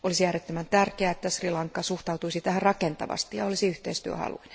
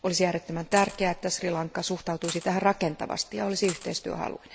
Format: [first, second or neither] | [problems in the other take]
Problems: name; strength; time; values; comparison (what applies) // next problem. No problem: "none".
first | background sound (Coin (dropping)); 14 dB below the speech